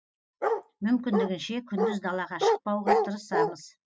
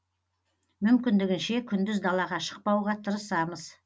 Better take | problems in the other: second | noise reduction (classical method spectral subtraction)

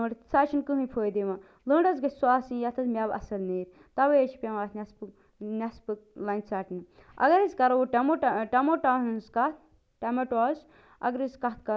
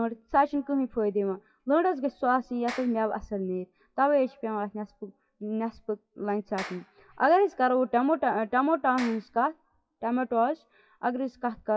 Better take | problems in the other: first | noise reduction (classical method WPE with log-MMSE)

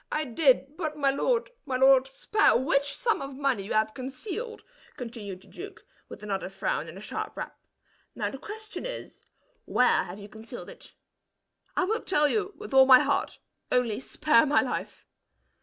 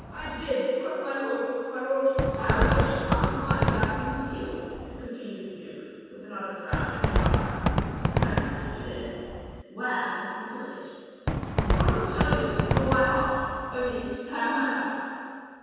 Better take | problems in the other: first | background sound (Fireworks); 1 dB above the speech // room echo; dies away in 2.1 s

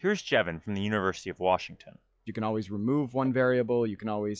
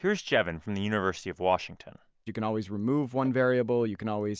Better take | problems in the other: second | noise reduction (classical method log-MMSE)

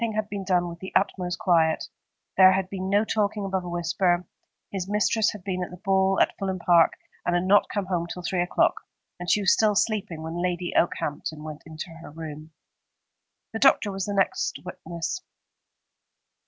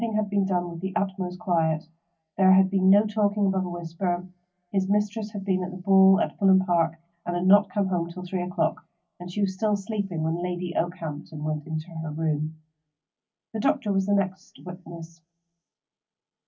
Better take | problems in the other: first | room echo; dies away in 0.3 s

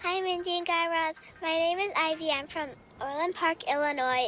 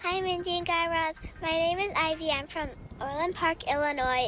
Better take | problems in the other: first | background sound (Wind); 16 dB below the speech

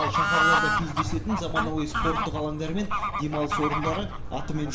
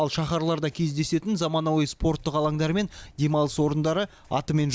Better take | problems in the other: second | background sound (Bird / Fowl); 3 dB above the speech // room echo; dies away in 0.5 s

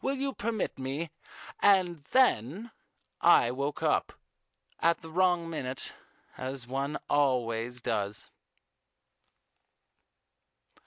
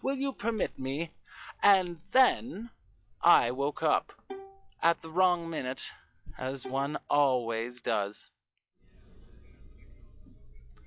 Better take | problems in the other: first | noise reduction (classical method log-MMSE)

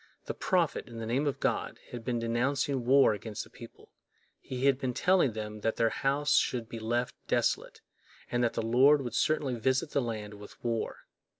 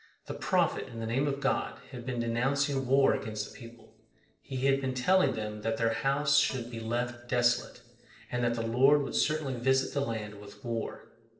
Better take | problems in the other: first | noise reduction (neural separator model SepFormer DNS4)

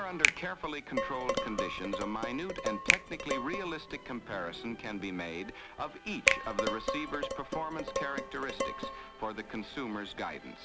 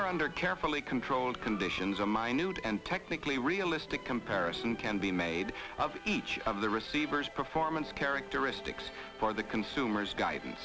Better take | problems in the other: second | background sound (Finger snapping + Dishes, pots, and pans); 3 dB above the speech

